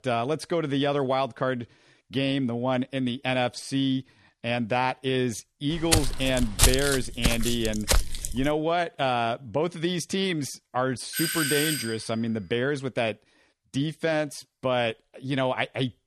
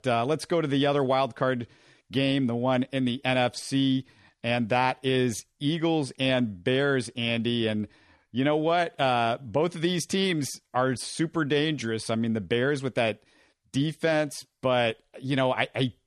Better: second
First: footsteps; loud; from 6 to 8.5 s; peak 6 dB above the speech // doorbell; loud; at 11 s; peak 2 dB above the speech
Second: none

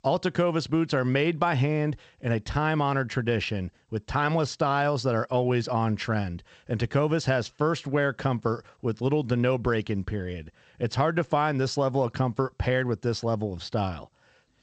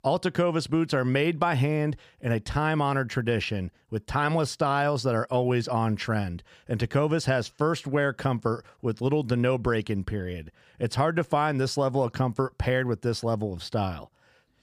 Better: second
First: garbled, watery; slightly; nothing above 8 kHz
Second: none

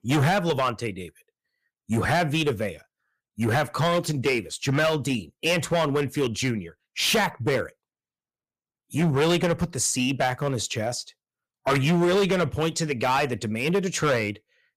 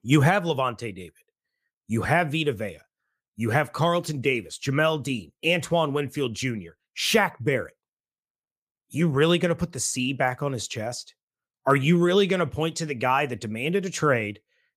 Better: second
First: distortion; heavy; 10% of the sound clipped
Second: none

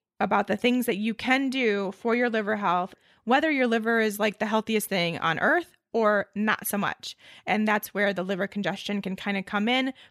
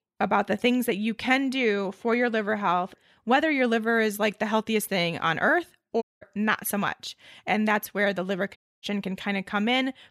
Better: first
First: none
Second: audio cutting out; at 6 s and at 8.5 s

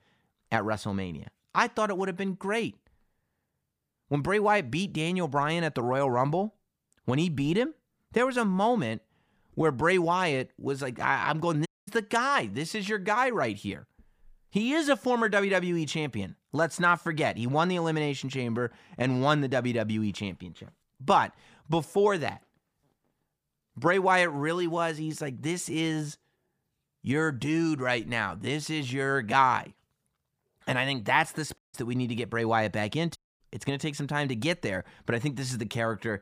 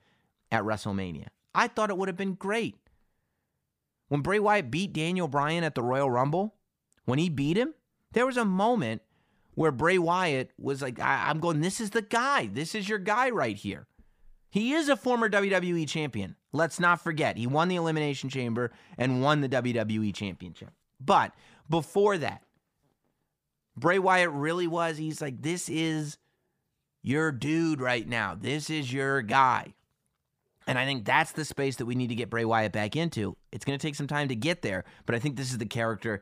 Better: second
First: audio cutting out; at 12 s, at 32 s and at 33 s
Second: none

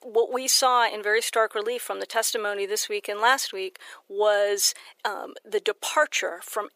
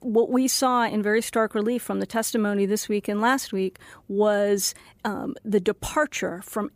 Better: second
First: thin; very; fading below 450 Hz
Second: none

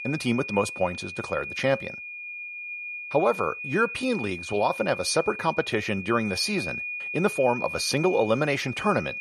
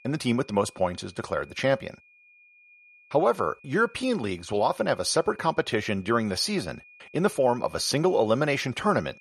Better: second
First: high-pitched whine; loud; throughout; 2.5 kHz, 8 dB below the speech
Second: high-pitched whine; faint; throughout; 2.5 kHz, 30 dB below the speech

